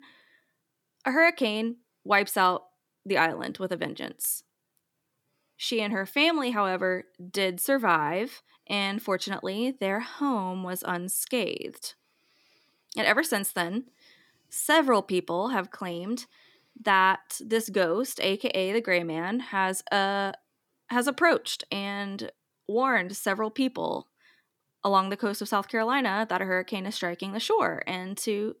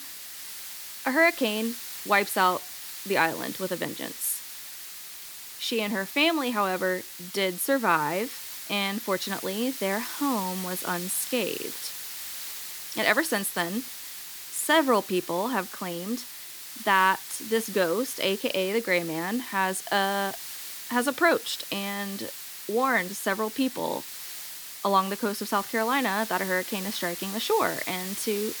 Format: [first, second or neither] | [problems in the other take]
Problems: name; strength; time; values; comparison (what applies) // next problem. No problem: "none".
first | hiss; loud; throughout; 9 dB below the speech